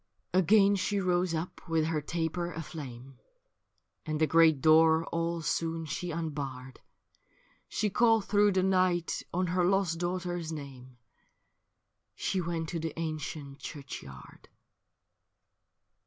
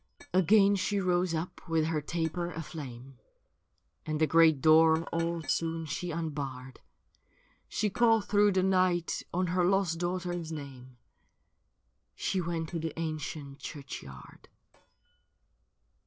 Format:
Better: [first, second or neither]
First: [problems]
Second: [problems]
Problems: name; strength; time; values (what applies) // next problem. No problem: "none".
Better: first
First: none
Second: noise reduction (neural separator model SepFormer DNS4)